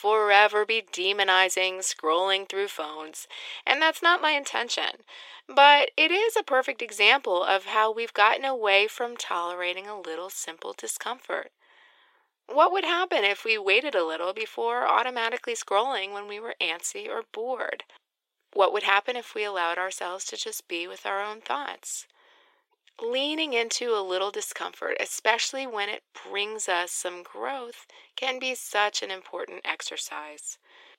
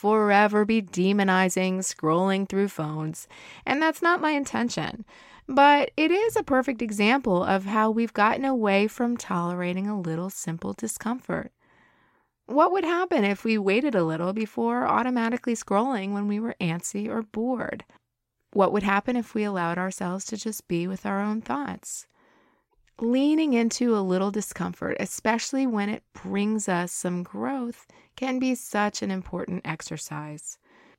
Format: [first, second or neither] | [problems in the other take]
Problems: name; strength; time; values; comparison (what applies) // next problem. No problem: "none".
second | thin; very; fading below 400 Hz